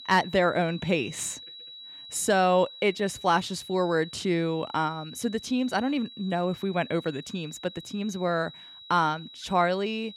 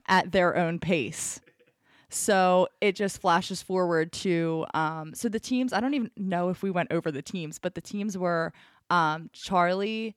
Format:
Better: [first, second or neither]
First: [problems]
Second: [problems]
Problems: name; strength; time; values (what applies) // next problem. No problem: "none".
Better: second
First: high-pitched whine; noticeable; throughout; 4 kHz, 15 dB below the speech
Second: none